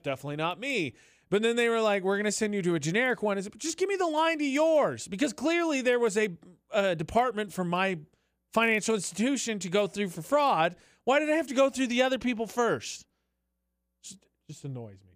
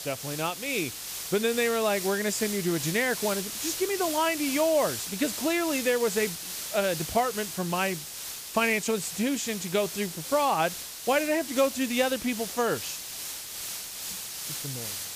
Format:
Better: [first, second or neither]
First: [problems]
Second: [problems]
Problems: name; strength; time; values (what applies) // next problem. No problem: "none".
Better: first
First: none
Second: hiss; loud; throughout; 6 dB below the speech